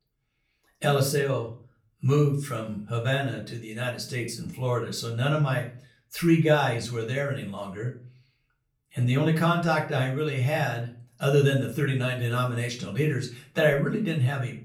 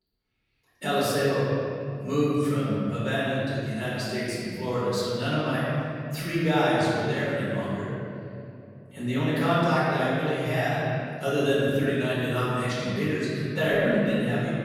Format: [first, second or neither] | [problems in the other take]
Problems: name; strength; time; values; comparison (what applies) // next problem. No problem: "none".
first | room echo; strong; dies away in 2.6 s; slight in the first // off-mic speech; far; far in the first